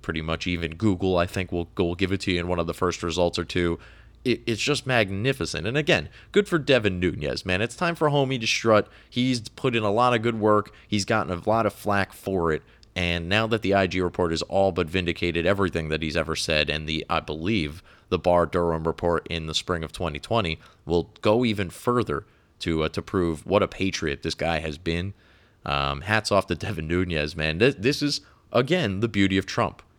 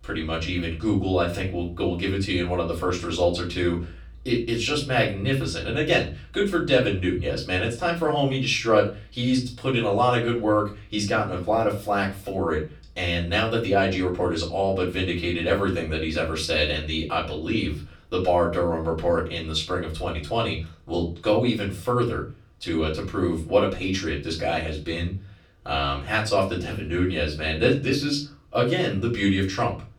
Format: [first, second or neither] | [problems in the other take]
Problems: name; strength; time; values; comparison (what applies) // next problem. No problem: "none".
first | off-mic speech; far // room echo; slight; dies away in 0.3 s